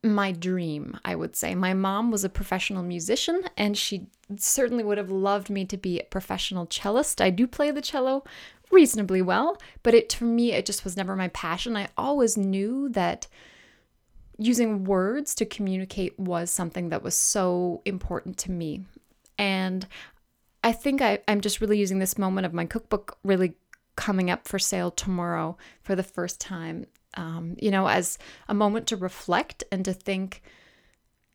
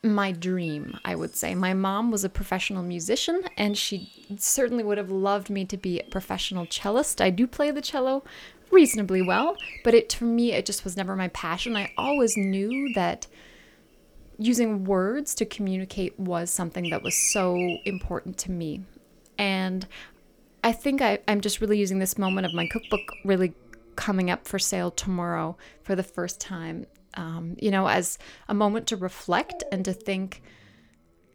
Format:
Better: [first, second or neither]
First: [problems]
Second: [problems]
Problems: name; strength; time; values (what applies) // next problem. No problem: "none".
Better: first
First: none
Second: animal sounds; noticeable; throughout; 10 dB below the speech